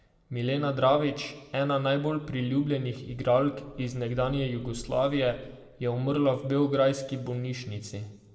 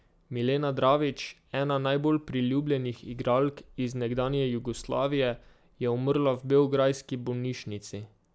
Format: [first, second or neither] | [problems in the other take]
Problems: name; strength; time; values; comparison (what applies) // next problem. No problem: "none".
second | room echo; dies away in 0.9 s